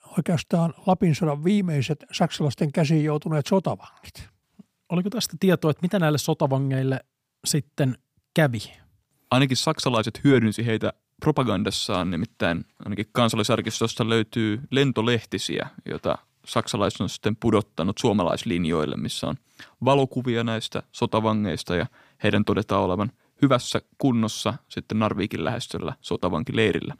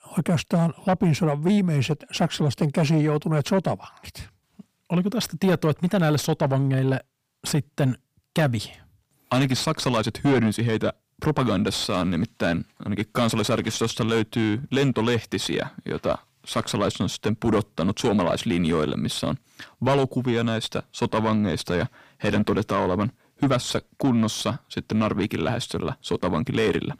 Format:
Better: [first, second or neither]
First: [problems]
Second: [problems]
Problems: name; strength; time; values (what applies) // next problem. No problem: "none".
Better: first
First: none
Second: distortion; slight; 10 dB below the speech